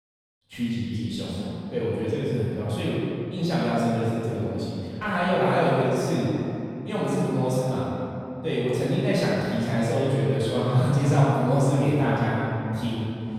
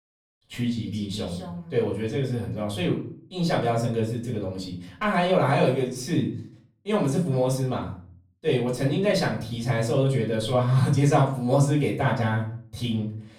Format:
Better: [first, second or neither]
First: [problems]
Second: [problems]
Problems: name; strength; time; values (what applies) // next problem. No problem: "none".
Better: second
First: room echo; strong; dies away in 2.6 s // off-mic speech; far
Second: room echo; slight; dies away in 0.4 s // off-mic speech; far